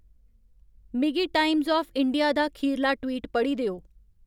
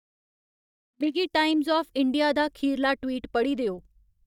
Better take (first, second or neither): first